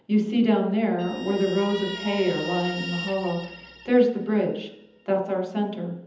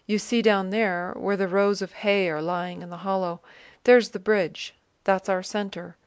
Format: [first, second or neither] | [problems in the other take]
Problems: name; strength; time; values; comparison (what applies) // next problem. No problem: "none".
second | background sound (Guitar); 15 dB below the speech // room echo; dies away in 0.8 s